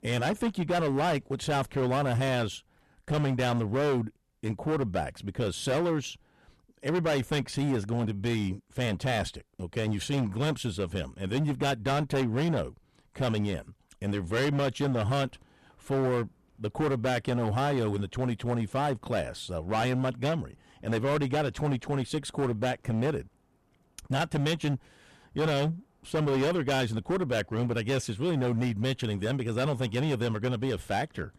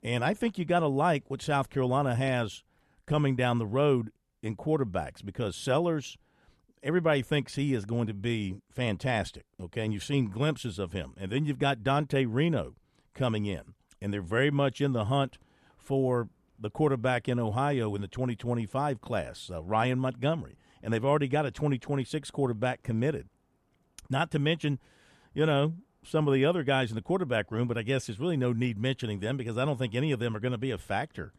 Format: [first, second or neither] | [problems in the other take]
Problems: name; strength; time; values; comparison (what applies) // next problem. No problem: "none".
second | distortion; heavy; 15% of the sound clipped